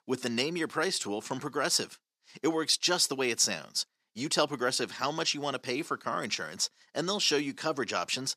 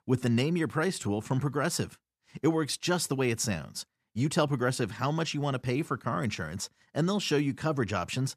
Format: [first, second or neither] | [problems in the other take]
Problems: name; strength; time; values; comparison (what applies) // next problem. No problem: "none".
second | thin; somewhat; fading below 300 Hz